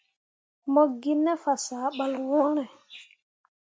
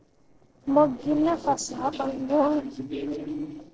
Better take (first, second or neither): first